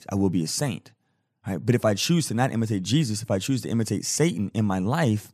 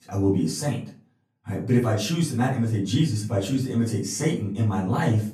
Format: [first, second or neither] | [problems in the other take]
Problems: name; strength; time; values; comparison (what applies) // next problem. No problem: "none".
first | off-mic speech; far // room echo; slight; dies away in 0.3 s